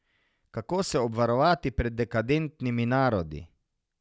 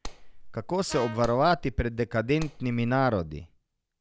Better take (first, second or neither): first